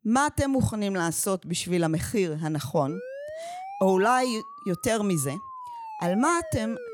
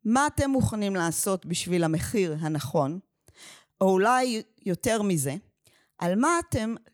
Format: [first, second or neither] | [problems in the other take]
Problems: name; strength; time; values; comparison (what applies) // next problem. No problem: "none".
second | siren; faint; from 3 s on; peak 10 dB below the speech